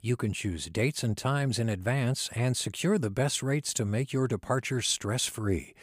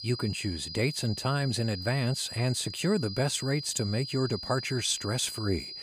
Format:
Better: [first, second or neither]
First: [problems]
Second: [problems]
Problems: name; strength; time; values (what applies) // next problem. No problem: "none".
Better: first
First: none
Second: high-pitched whine; loud; throughout; 5 kHz, 8 dB below the speech